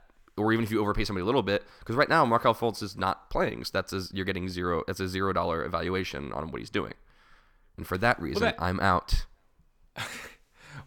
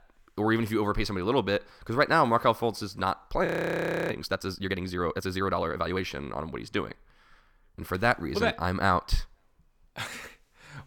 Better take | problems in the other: first | audio freezing; at 3.5 s for 0.5 s

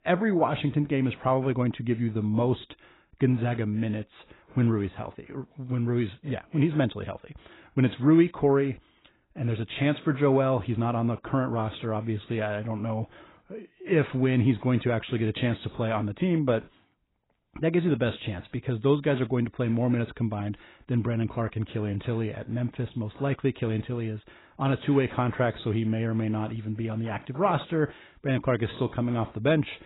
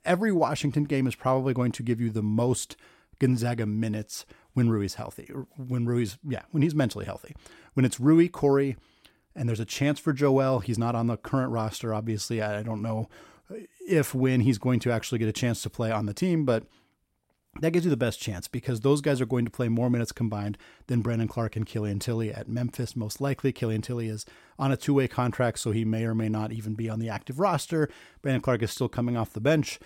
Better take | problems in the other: second | garbled, watery; badly; nothing above 4 kHz

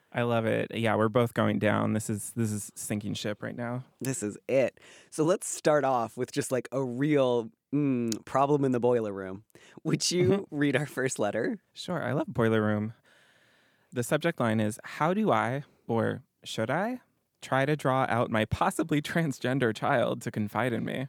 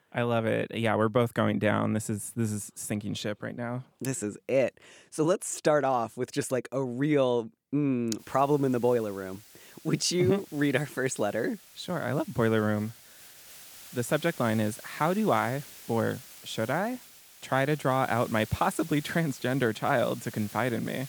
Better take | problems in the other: first | hiss; noticeable; from 8 s on; 20 dB below the speech

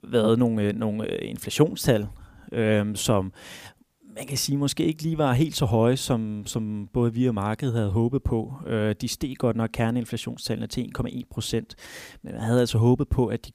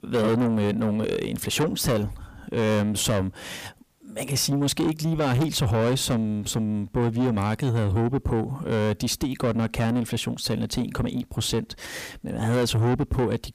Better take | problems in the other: first | distortion; heavy; 7 dB below the speech

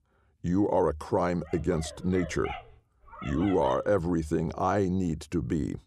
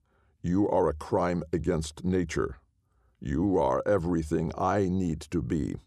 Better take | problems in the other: second | dog barking; faint; from 1.5 to 4 s; peak 10 dB below the speech

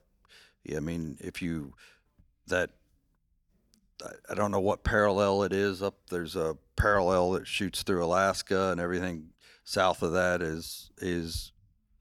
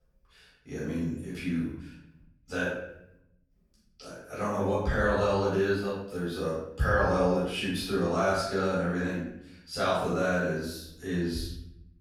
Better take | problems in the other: first | room echo; strong; dies away in 0.7 s // off-mic speech; far

